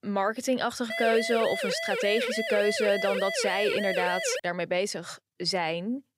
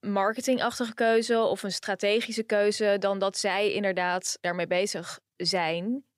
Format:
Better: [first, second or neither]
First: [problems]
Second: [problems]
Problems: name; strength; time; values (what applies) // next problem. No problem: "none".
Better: second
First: siren; noticeable; from 1 to 4.5 s; peak 2 dB below the speech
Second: none